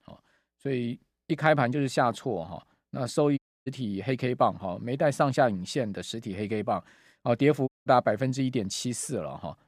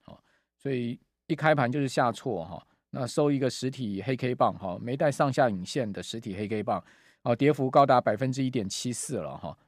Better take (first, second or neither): second